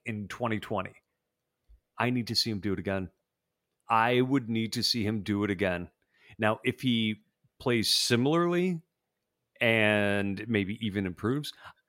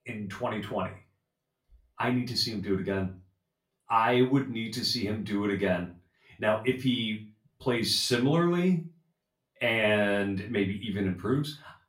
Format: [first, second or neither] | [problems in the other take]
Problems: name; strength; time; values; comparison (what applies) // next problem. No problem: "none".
first | off-mic speech; far // room echo; slight; dies away in 0.3 s